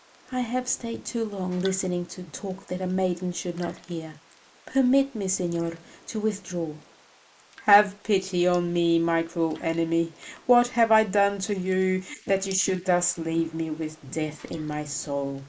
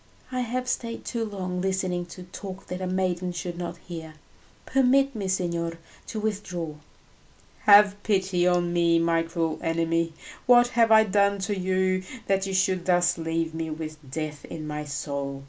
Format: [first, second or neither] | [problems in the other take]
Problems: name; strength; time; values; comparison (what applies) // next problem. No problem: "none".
second | noise reduction (neural mask model Resemble Enhance denoiser)